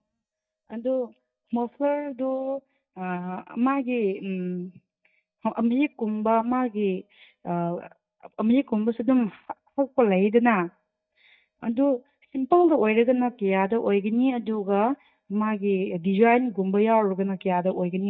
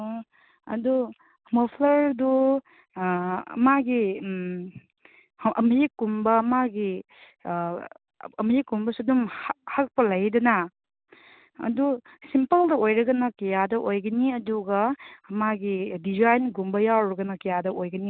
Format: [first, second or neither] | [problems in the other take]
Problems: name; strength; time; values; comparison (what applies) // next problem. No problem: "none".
second | noise reduction (neural mask model DeepFilterNet 3)